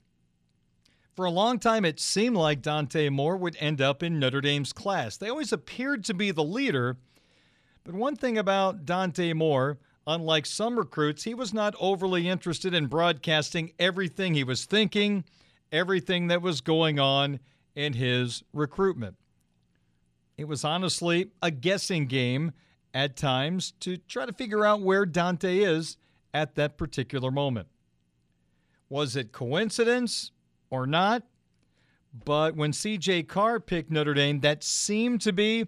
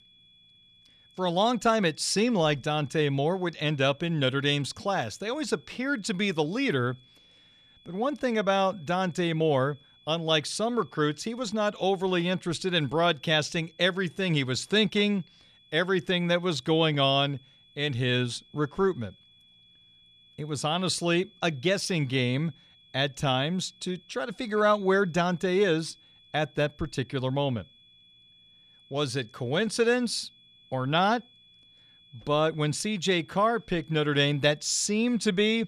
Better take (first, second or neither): first